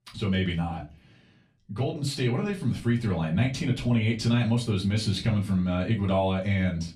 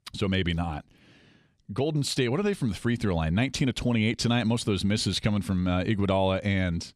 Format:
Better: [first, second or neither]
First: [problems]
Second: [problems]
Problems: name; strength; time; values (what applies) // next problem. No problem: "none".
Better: second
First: off-mic speech; far // room echo; very slight; dies away in 0.2 s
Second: none